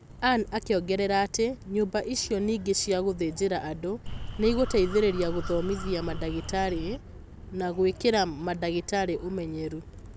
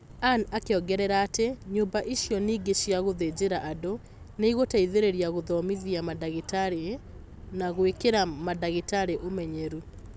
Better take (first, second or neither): second